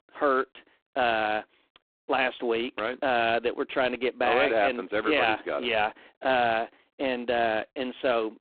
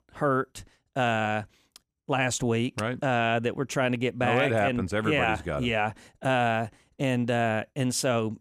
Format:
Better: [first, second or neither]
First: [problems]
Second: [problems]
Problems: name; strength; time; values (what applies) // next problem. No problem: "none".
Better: second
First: phone-call audio; poor line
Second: none